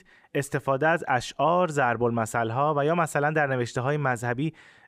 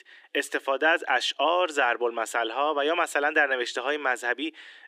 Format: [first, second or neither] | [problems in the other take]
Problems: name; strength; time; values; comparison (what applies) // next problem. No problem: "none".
first | thin; somewhat; fading below 300 Hz